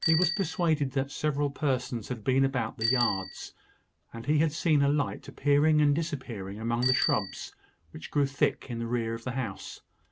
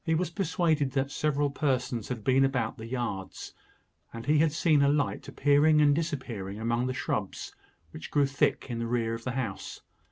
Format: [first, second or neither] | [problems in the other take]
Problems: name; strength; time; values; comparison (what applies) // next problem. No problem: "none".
second | background sound (Bicycle bell); 9 dB below the speech